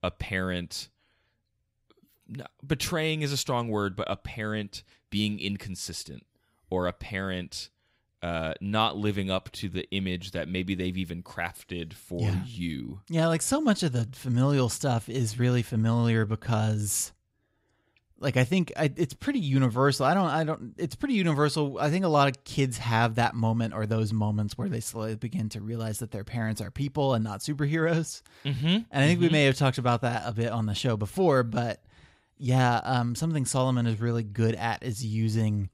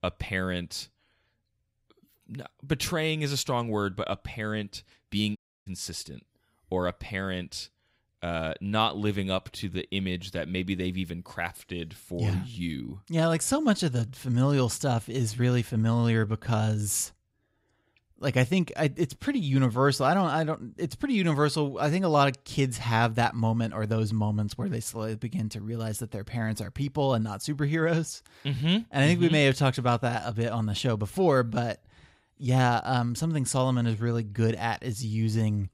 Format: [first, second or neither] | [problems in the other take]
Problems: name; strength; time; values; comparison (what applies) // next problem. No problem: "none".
first | audio cutting out; at 5.5 s